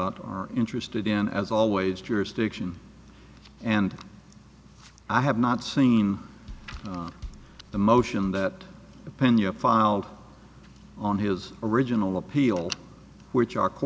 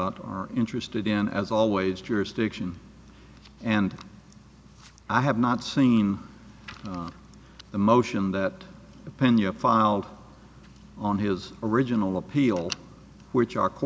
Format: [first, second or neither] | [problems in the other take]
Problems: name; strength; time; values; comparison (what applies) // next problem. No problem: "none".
second | background sound (Drum kit); 17 dB below the speech